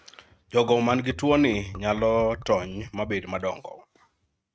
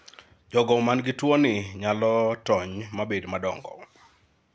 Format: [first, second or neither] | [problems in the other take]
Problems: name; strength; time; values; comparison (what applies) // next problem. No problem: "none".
second | noise reduction (neural mask model RNNoise)